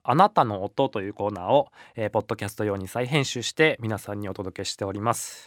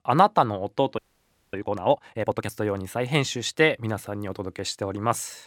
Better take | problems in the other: first | audio freezing; at 1 s for 0.5 s

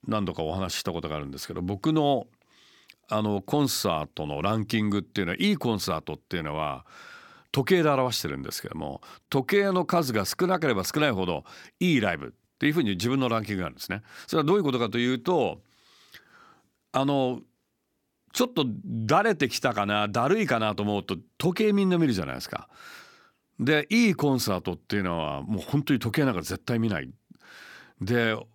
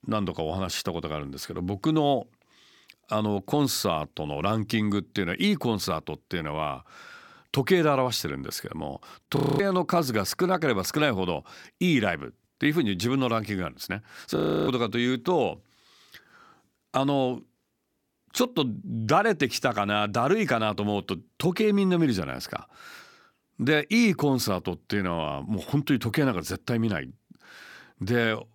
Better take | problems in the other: first | audio freezing; at 9.5 s and at 14 s

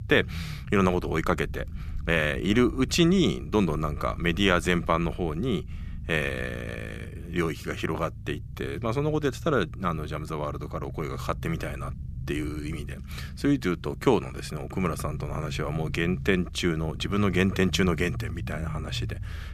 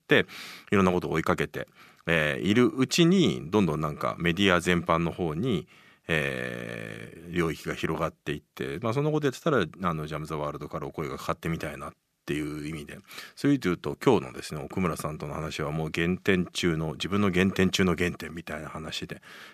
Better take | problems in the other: second | low rumble; faint; throughout; 20 dB below the speech

